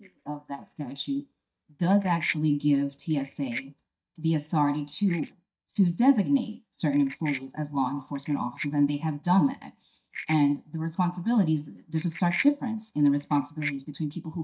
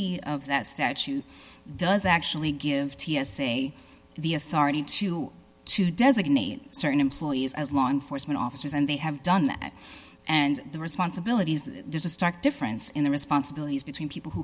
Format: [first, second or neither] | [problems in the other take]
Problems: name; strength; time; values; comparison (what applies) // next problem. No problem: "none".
second | noise reduction (neural mask model DeepFilterNet 3)